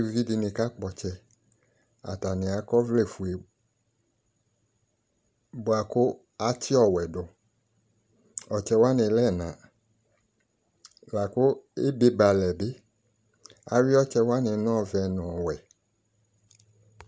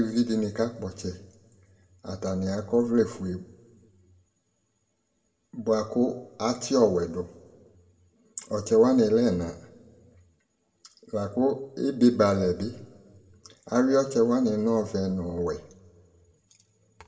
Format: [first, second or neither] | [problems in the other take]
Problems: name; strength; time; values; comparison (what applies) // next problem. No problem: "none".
first | room echo; dies away in 1.1 s